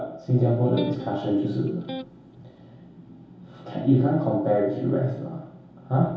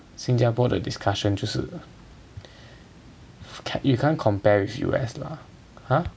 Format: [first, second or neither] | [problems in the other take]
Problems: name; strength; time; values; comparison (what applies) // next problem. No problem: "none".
second | background sound (Electric guitar); 10 dB below the speech // room echo; dies away in 0.8 s